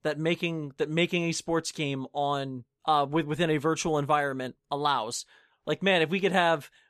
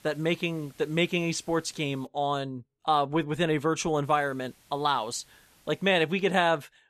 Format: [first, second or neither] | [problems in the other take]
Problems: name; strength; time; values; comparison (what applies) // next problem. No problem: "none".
first | hiss; faint; until 2 s and from 4 to 6 s; 30 dB below the speech